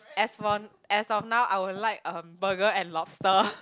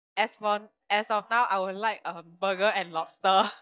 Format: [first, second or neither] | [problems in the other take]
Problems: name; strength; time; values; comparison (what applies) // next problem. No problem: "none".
first | noise reduction (neural mask model DeepFilterNet 3)